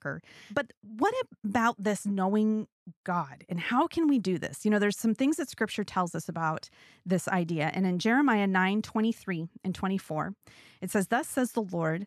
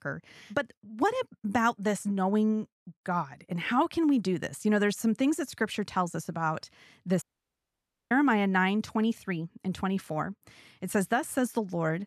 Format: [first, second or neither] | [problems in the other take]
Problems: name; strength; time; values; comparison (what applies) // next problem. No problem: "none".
first | audio cutting out; at 7 s for 1 s